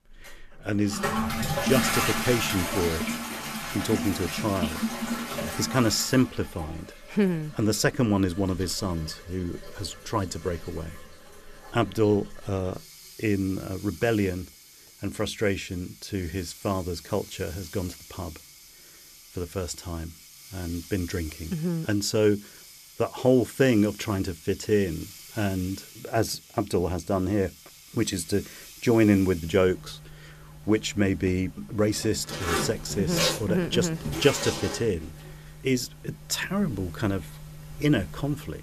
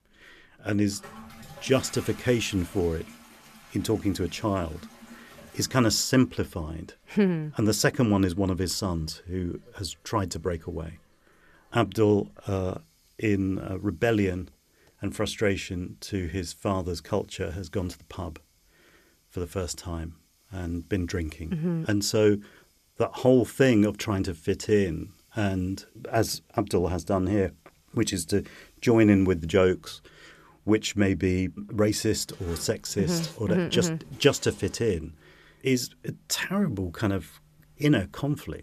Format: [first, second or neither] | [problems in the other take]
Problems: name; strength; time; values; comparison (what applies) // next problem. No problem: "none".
second | household noises; loud; throughout; 6 dB below the speech; faint in the second